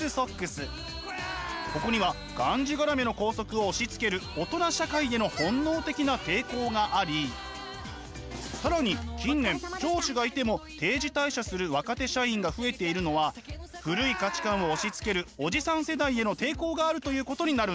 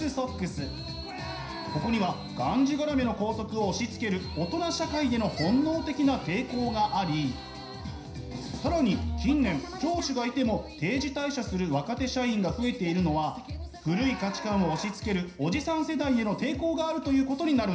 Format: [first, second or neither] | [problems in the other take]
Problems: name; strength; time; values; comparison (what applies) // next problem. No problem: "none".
first | room echo; dies away in 0.5 s